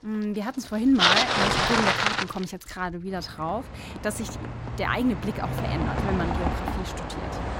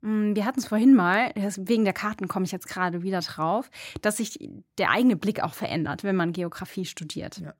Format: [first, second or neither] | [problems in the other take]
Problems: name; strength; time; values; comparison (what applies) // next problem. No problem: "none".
second | traffic noise; very loud; throughout; 4 dB above the speech